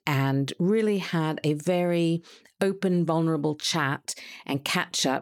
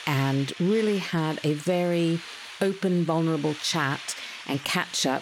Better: first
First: none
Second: hiss; noticeable; throughout; 15 dB below the speech

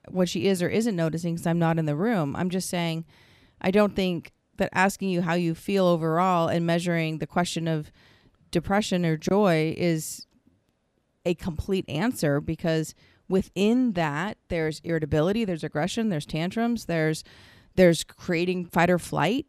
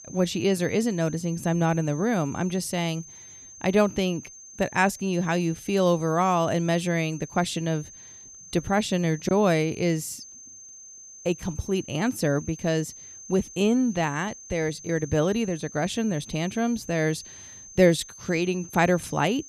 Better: first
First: none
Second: high-pitched whine; noticeable; throughout; 6.5 kHz, 15 dB below the speech

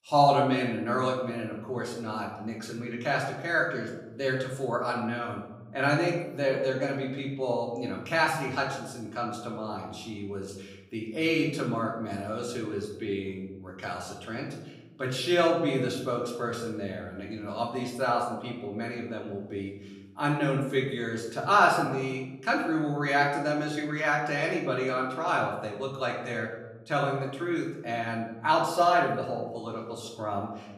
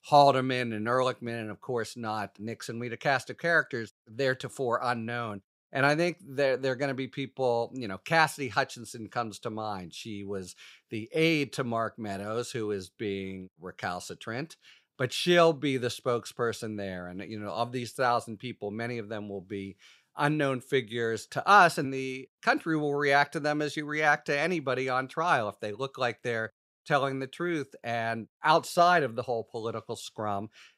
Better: second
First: off-mic speech; far // room echo; noticeable; dies away in 0.9 s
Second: none

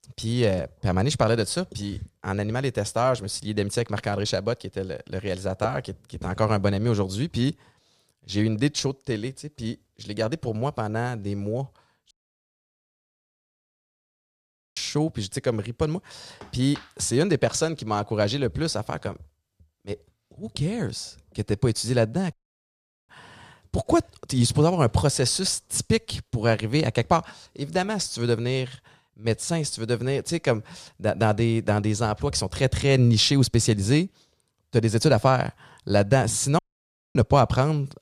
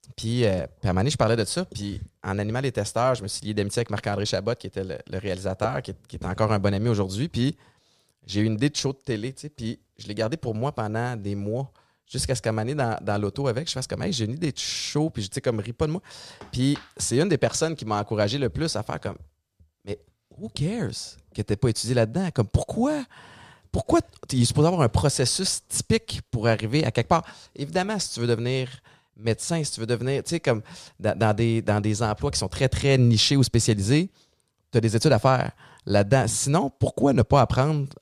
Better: second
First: audio cutting out; at 12 s for 2.5 s, at 22 s for 1 s and at 37 s for 0.5 s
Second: none

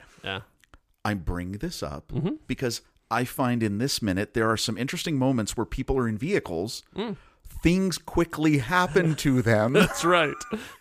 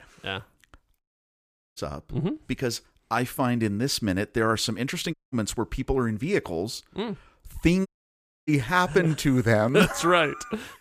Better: first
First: none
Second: audio cutting out; at 1 s for 1 s, at 5 s and at 8 s for 0.5 s

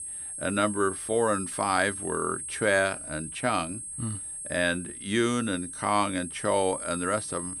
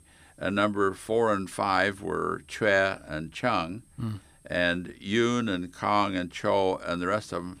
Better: second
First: high-pitched whine; loud; throughout; 8.5 kHz, 7 dB below the speech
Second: high-pitched whine; faint; throughout; 8.5 kHz, 35 dB below the speech

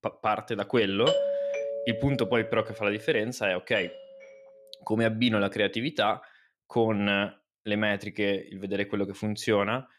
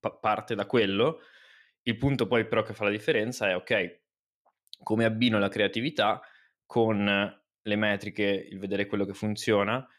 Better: second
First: doorbell; loud; from 1 to 2.5 s; peak 1 dB above the speech // doorbell; faint; from 4 to 5 s; peak 15 dB below the speech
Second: none

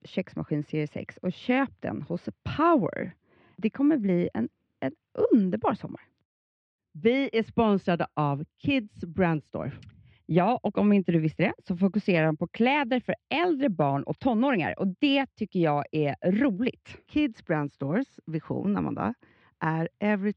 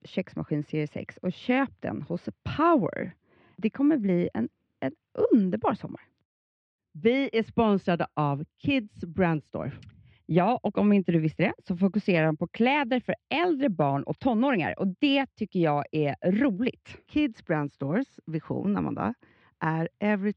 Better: neither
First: muffled; very; fading above 3 kHz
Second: muffled; very; fading above 3 kHz

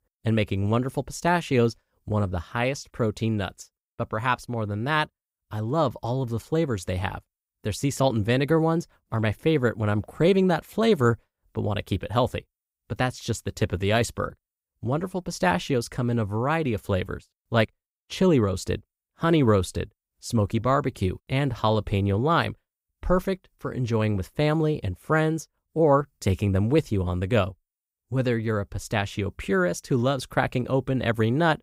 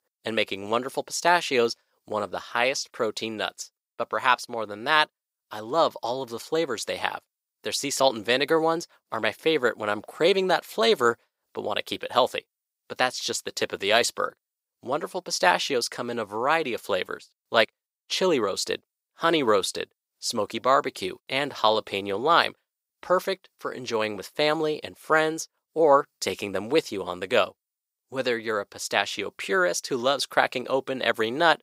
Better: first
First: none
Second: thin; very; fading below 450 Hz

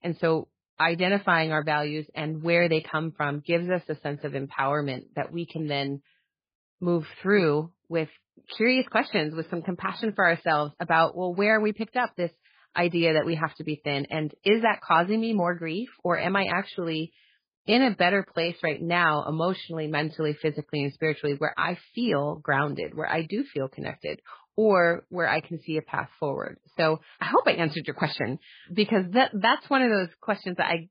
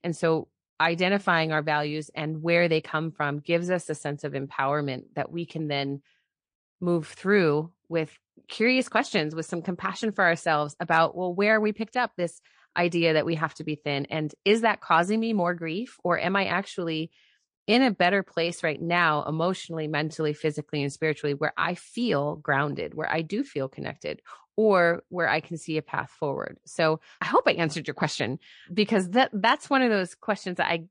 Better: second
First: garbled, watery; badly; nothing above 5 kHz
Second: garbled, watery; slightly; nothing above 9.5 kHz

